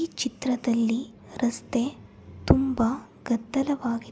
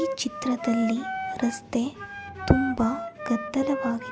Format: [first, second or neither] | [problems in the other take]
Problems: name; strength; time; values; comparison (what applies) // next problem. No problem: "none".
first | background sound (Wind instrument, woodwind instrument); 7 dB below the speech